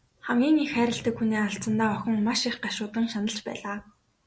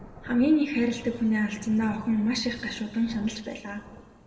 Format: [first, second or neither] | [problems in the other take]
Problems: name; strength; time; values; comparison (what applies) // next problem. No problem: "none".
first | background sound (Thunder / Rain); 19 dB below the speech // room echo; dies away in 1.4 s